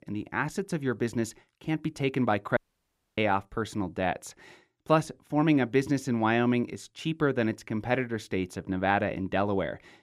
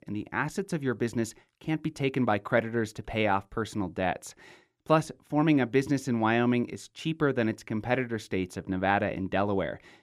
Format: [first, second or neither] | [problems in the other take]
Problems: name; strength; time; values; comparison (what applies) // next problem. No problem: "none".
second | audio cutting out; at 2.5 s for 0.5 s